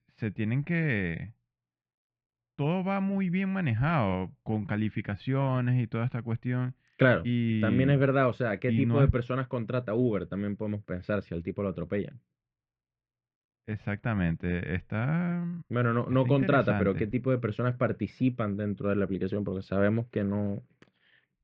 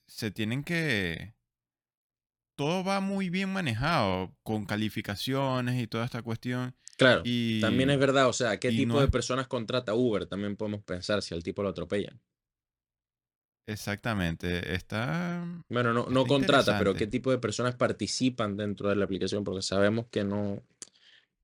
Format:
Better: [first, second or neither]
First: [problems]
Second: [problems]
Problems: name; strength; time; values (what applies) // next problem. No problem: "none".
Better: second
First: muffled; very; fading above 2.5 kHz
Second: none